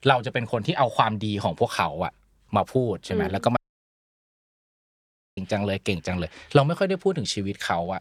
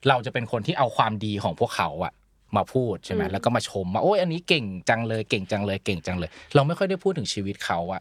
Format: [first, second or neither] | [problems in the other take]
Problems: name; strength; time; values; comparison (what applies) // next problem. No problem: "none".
second | audio cutting out; at 3.5 s for 2 s